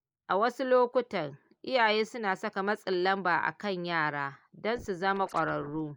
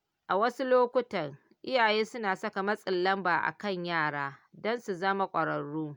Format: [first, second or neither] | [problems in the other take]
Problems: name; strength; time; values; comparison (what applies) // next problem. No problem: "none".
second | noise reduction (neural mask model Resemble Enhance denoiser)